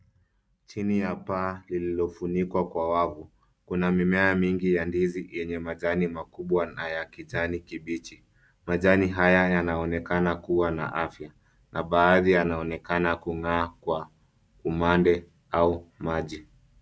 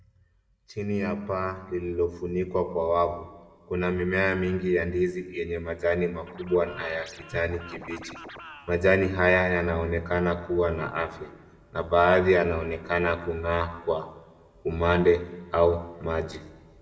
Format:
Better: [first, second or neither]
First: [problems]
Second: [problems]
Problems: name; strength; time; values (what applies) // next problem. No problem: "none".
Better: first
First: none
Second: background sound (Scratching (performance technique)); 18 dB below the speech // room echo; dies away in 1.2 s